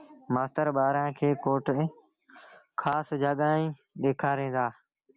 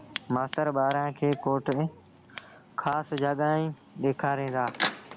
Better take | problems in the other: first | background sound (Scissors); 12 dB below the speech

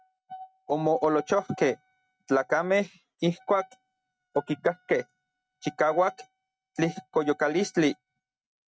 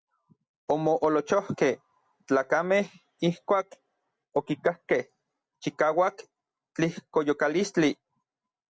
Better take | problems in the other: second | noise reduction (neural mask model RNNoise)

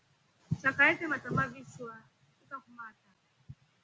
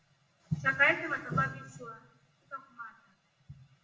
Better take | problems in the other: first | room echo; dies away in 0.5 s

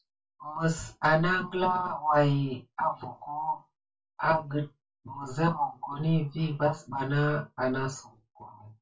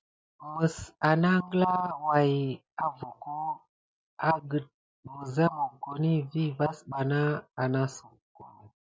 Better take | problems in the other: second | room echo; dies away in 0.2 s

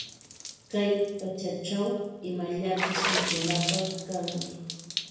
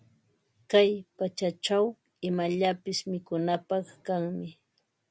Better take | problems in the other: second | background sound (Water / Splash, splatter); 3 dB below the speech // room echo; dies away in 1 s

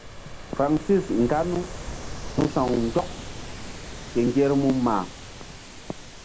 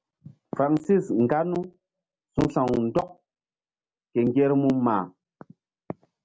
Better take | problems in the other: second | background sound (Ocean); 10 dB below the speech

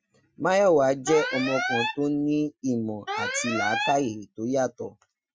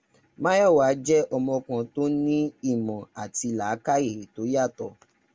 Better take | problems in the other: second | noise reduction (classical method Wiener filter)

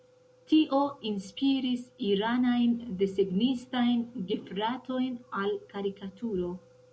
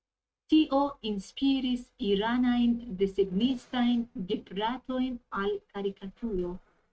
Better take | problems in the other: first | noise reduction (neural mask model RNNoise)

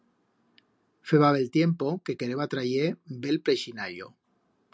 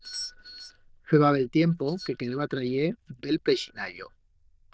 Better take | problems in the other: first | noise reduction (neural diffusion model UNIVERSE++)

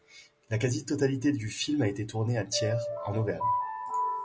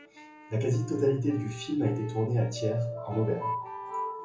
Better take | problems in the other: first | background sound (Wind instrument, woodwind instrument); 18 dB below the speech // room echo; dies away in 0.6 s

